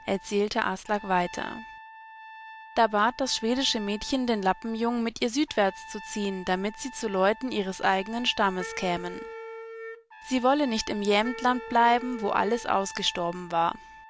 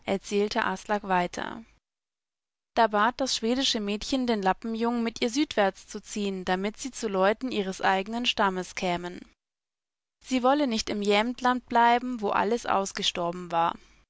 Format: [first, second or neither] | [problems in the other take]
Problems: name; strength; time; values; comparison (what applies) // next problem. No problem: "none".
second | background sound (Trumpet + Wind instrument, woodwind instrument); 15 dB below the speech